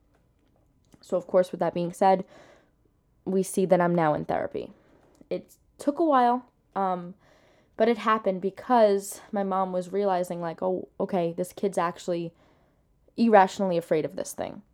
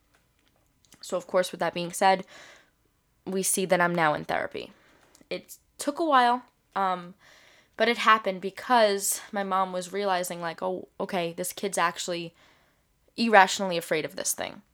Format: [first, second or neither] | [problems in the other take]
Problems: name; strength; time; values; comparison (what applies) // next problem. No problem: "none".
second | muffled; slightly; fading above 1 kHz